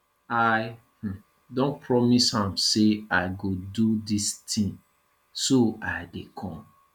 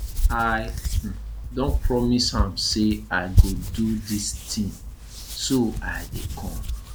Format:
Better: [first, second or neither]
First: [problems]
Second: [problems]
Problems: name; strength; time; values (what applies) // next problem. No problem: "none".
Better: first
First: none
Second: background sound (Hands); 1 dB above the speech